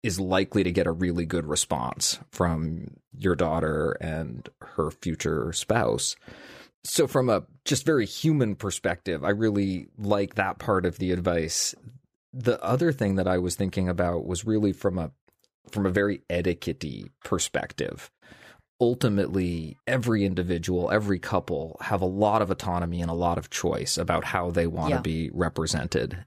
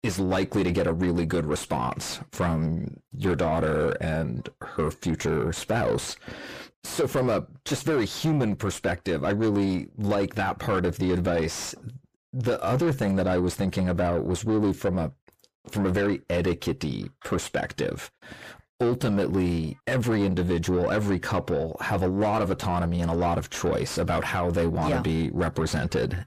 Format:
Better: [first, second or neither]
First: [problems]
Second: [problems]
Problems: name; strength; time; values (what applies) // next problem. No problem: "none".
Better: first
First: none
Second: distortion; heavy; 7 dB below the speech